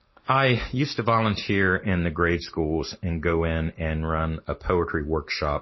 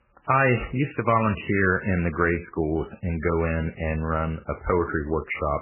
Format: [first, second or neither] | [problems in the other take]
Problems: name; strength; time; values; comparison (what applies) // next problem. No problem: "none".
first | garbled, watery; badly; nothing above 3 kHz; slightly in the first